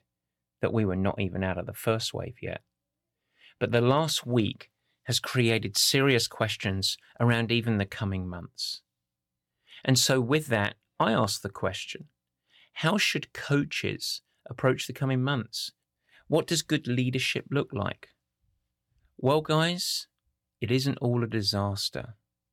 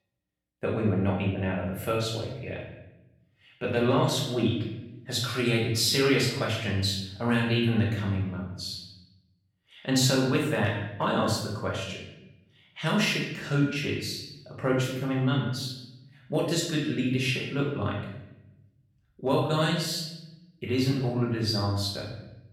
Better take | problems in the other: first | off-mic speech; far // room echo; noticeable; dies away in 0.8 s

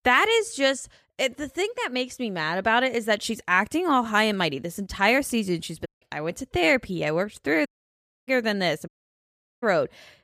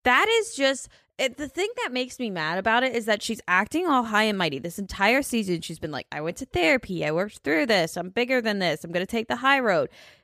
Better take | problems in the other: second | audio cutting out; at 6 s, at 7.5 s for 0.5 s and at 9 s for 0.5 s

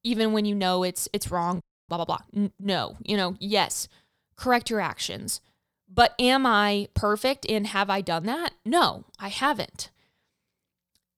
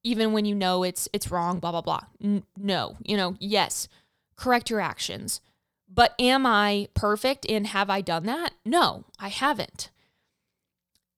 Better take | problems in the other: second | audio freezing; at 1.5 s

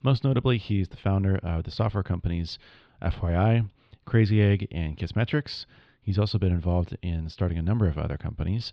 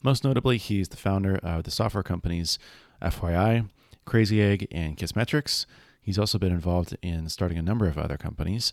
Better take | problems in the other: second | muffled; slightly; fading above 3.5 kHz

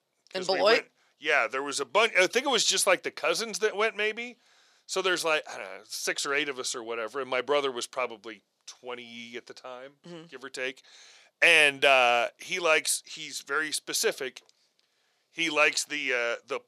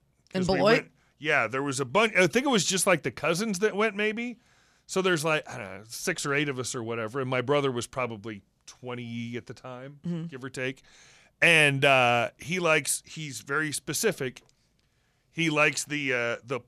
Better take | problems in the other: second | thin; somewhat; fading below 450 Hz

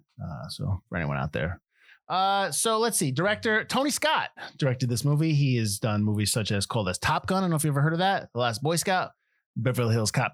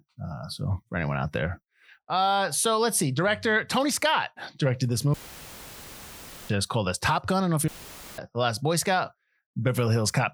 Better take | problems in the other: first | audio cutting out; filled with static; at 5 s for 1.5 s and at 7.5 s for 0.5 s

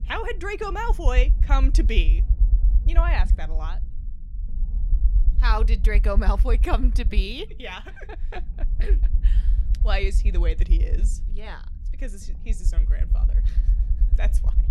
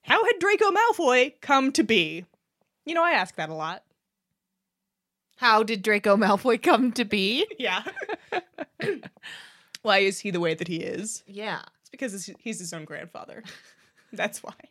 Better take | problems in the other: second | low rumble; noticeable; throughout; 15 dB below the speech

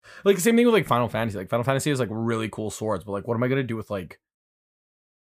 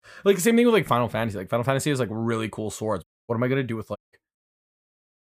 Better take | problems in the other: first | audio cutting out; at 3 s and at 4 s

